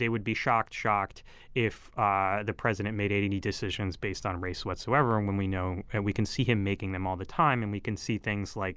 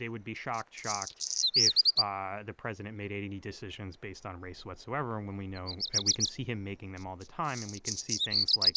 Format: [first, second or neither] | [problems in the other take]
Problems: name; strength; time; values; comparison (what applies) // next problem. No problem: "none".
first | noise reduction (neural mask model Resemble Enhance denoiser)